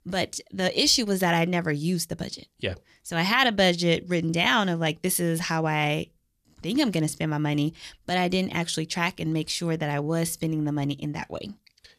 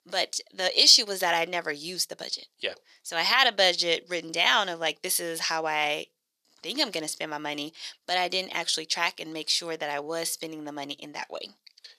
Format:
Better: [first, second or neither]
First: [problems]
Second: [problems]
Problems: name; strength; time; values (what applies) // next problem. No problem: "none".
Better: first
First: none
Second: thin; very; fading below 550 Hz